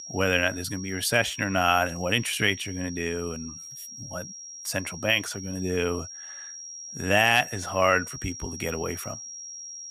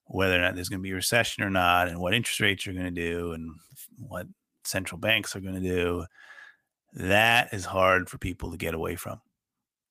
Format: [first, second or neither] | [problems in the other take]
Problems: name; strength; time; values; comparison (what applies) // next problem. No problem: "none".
second | high-pitched whine; noticeable; throughout; 5.5 kHz, 10 dB below the speech